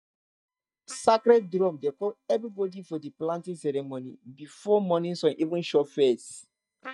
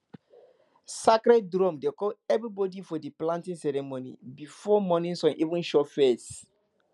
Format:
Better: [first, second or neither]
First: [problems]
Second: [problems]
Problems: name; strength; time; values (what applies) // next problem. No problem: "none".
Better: second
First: noise reduction (neural mask model DeepFilterNet 3)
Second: none